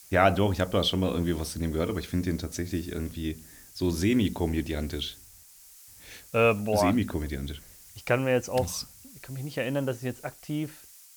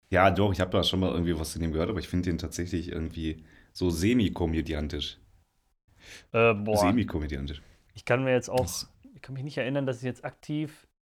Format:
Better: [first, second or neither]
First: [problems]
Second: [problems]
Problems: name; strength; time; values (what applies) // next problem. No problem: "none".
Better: second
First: hiss; faint; throughout; 20 dB below the speech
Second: none